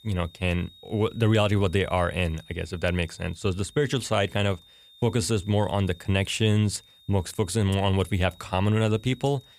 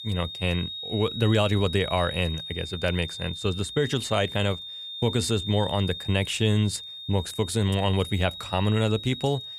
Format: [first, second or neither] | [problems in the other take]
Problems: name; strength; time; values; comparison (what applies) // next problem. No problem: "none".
first | high-pitched whine; loud; throughout; 3.5 kHz, 8 dB below the speech; faint in the first